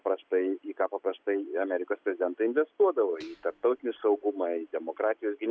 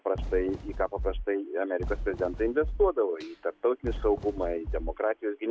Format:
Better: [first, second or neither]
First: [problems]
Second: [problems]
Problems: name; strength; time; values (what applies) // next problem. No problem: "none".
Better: first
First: none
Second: background sound (Fireworks); 7 dB below the speech